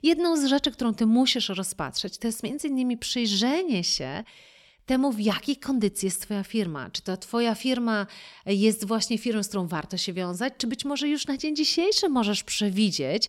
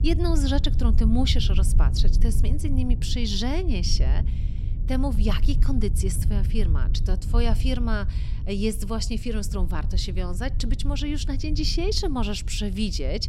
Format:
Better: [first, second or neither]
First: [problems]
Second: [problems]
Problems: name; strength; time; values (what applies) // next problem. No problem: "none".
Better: first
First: none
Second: low rumble; noticeable; throughout; 15 dB below the speech